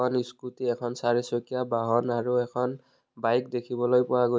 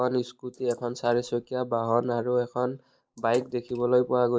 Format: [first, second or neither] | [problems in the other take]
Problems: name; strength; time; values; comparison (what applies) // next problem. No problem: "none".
first | noise reduction (neural mask model Resemble Enhance denoiser)